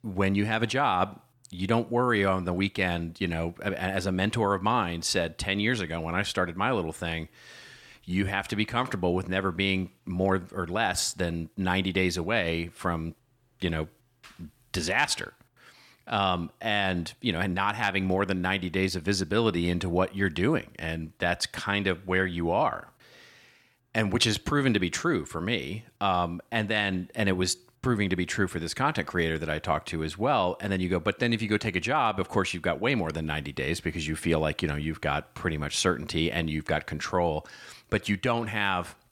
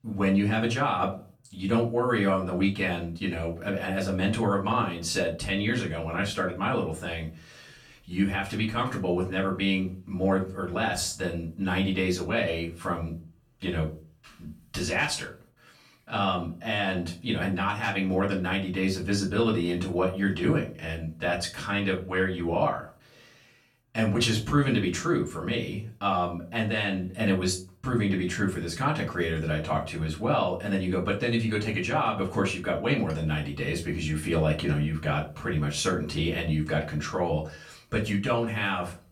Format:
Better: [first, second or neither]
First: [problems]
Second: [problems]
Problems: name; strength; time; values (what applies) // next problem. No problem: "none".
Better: first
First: none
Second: off-mic speech; far // room echo; slight; dies away in 0.3 s